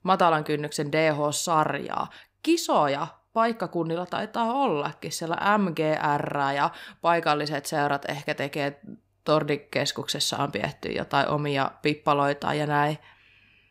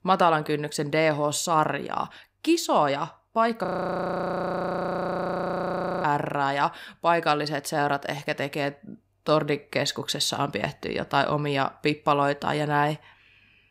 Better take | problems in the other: first | audio freezing; at 3.5 s for 2.5 s

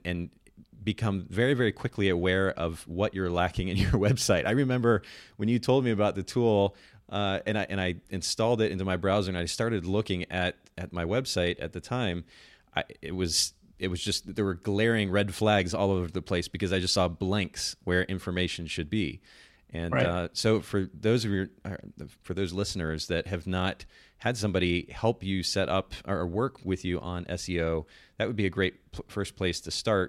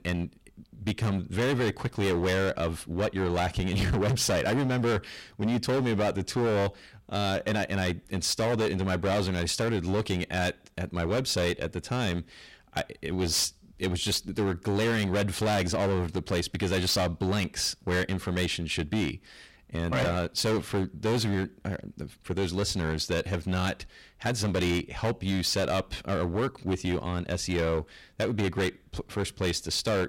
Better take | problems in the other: first | distortion; heavy; 17% of the sound clipped

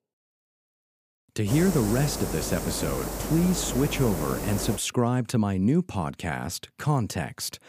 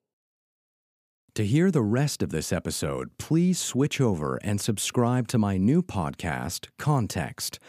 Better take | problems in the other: second | hiss; very faint; from 1.5 to 5 s; 6 dB below the speech

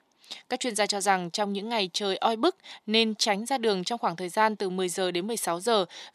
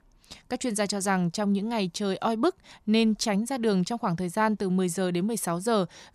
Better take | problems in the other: second | thin; somewhat; fading below 350 Hz

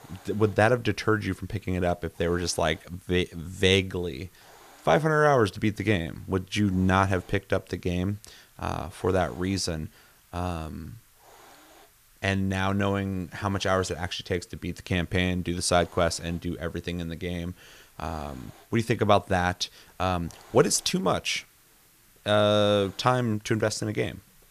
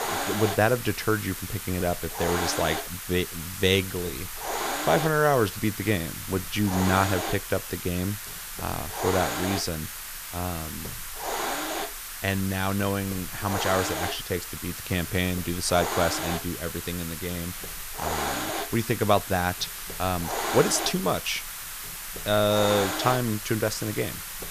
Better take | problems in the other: first | hiss; loud; throughout; 5 dB below the speech; faint in the first

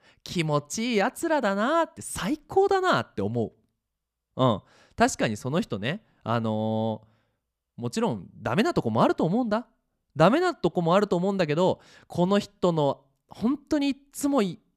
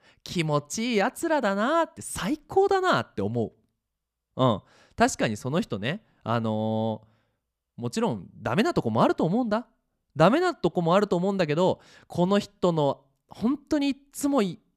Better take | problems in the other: neither | none

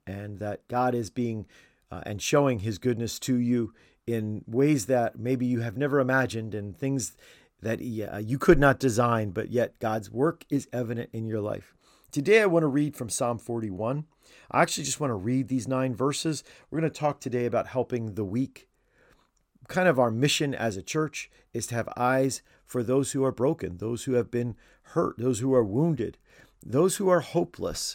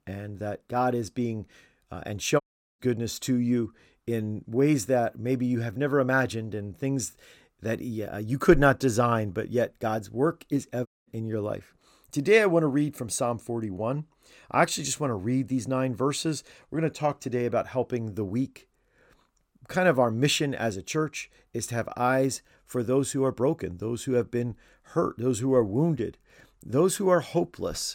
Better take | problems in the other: first | audio cutting out; at 2.5 s and at 11 s

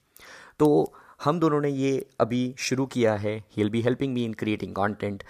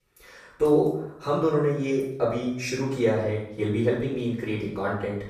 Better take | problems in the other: first | off-mic speech; far // room echo; noticeable; dies away in 0.6 s

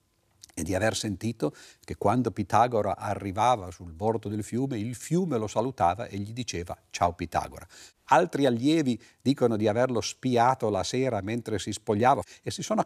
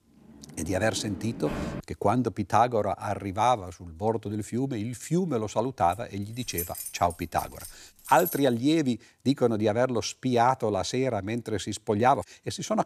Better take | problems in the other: first | door banging; noticeable; until 2 s; peak 7 dB below the speech // jangling keys; noticeable; from 6 to 8.5 s; peak 6 dB below the speech

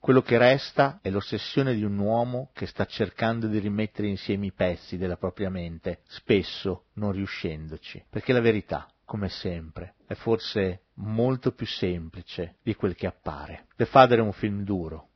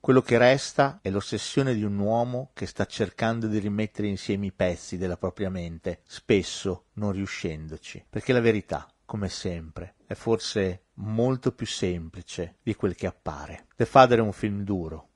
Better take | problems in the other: second | garbled, watery; badly; nothing above 5.5 kHz; slightly in the second

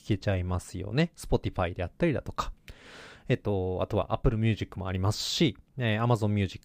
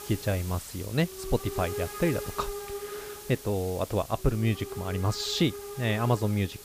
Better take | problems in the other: first | hiss; loud; throughout; 9 dB below the speech

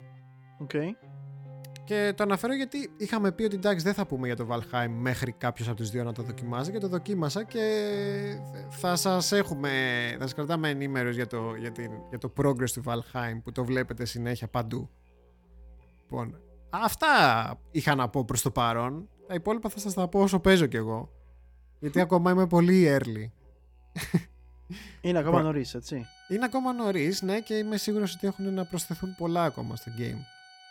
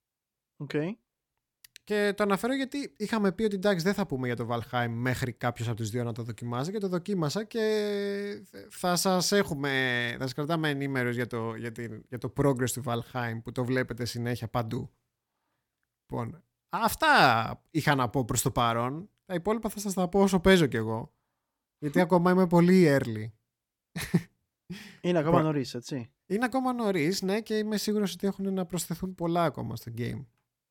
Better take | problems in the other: second | background music; faint; throughout; 20 dB below the speech

